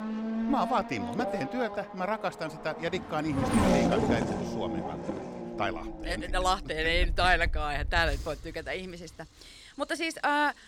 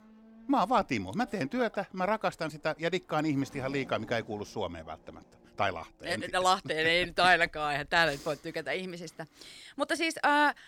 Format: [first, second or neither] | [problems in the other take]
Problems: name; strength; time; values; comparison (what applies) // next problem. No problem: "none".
second | traffic noise; loud; throughout; 2 dB below the speech; faint in the second